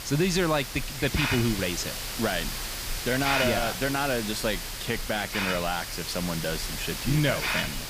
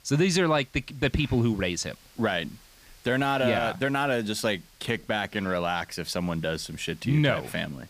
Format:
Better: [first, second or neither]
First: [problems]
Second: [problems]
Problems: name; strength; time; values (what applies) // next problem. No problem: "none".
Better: second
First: hiss; loud; throughout; 3 dB below the speech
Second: hiss; faint; throughout; 25 dB below the speech